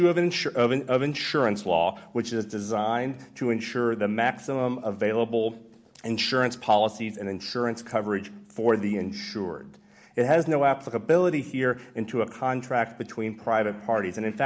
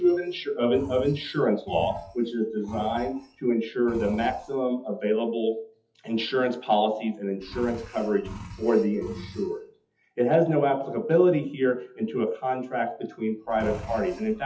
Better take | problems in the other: first | noise reduction (classical method WPE with log-MMSE)

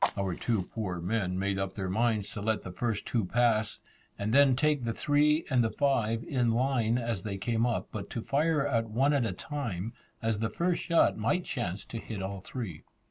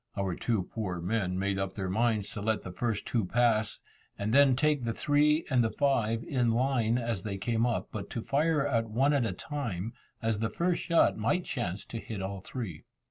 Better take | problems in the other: second | background sound (Fire); 18 dB below the speech

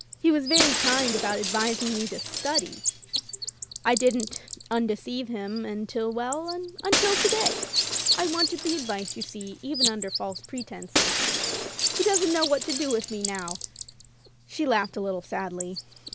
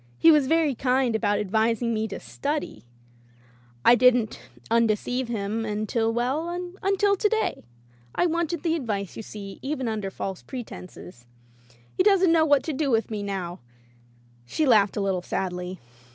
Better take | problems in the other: second | background sound (Shatter + Bird); 1 dB below the speech

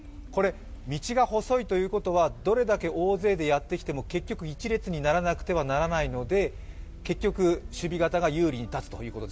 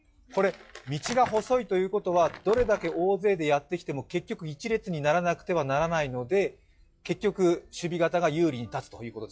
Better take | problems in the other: first | noise reduction (classical method log-MMSE)

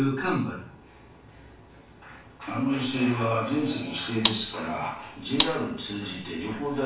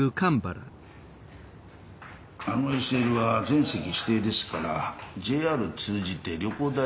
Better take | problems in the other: second | background sound (Gunshot, gunfire); 3 dB below the speech // room echo; dies away in 0.3 s

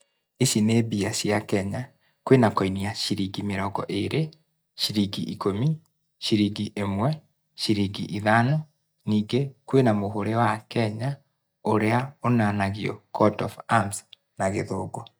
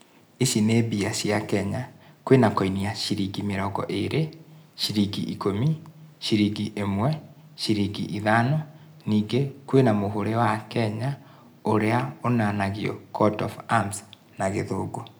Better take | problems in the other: second | noise reduction (neural mask model DeepFilterNet 3)

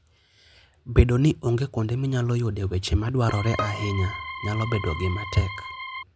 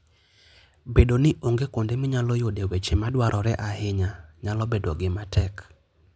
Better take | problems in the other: second | background sound (Organ + Bowed string instrument); 9 dB below the speech

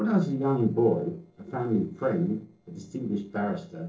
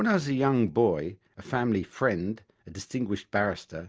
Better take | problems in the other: second | noise reduction (neural separator model SepFormer DNS4)

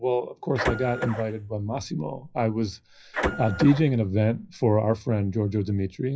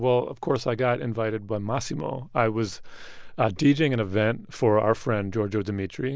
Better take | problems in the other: second | noise reduction (classical method WPE with log-MMSE)

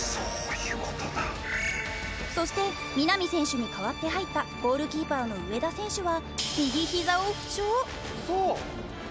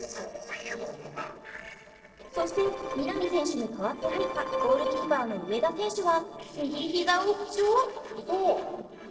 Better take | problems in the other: first | noise reduction (neural separator model SepFormer DNS4)

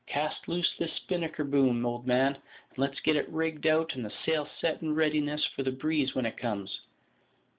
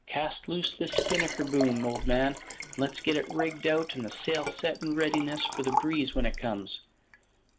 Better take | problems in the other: first | background sound (Liquid); 5 dB below the speech

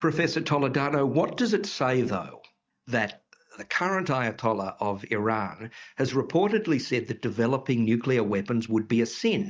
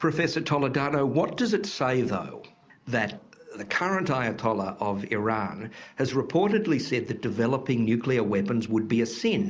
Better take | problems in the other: second | noise reduction (neural mask model DeepFilterNet 3)

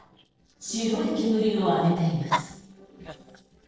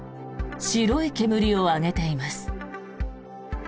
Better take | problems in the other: second | noise reduction (neural separator model SepFormer DNS4)

